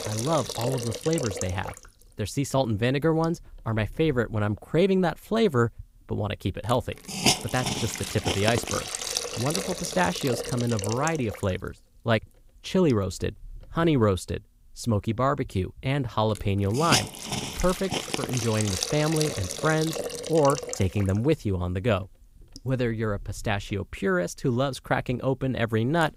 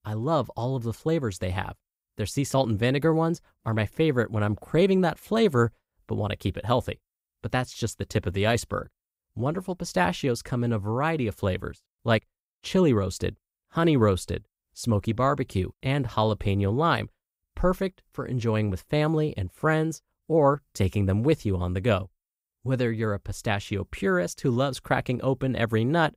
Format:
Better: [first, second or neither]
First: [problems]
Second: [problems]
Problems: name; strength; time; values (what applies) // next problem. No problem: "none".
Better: second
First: hiss; loud; throughout; 3 dB below the speech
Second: none